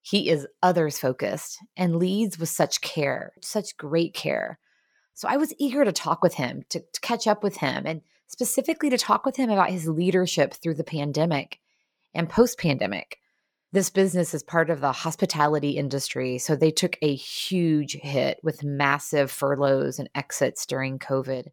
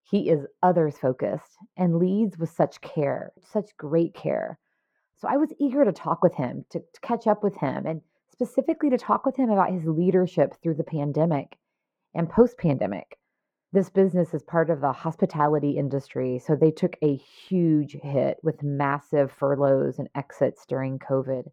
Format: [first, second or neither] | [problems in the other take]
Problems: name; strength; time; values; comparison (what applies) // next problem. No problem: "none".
first | muffled; very; fading above 2.5 kHz